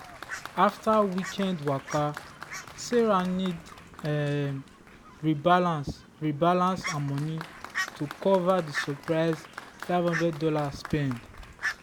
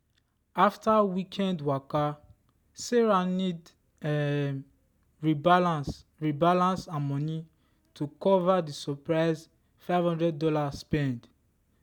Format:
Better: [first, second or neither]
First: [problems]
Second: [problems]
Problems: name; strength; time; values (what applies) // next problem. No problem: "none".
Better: second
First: background sound (Applause + Fowl); 12 dB below the speech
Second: none